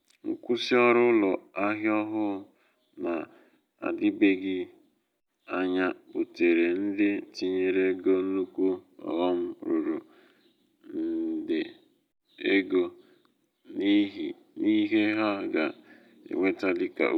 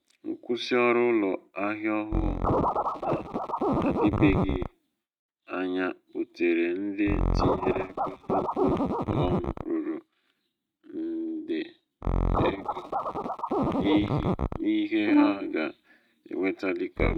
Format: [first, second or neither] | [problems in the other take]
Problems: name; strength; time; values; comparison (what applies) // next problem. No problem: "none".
first | noise reduction (neural mask model RNNoise)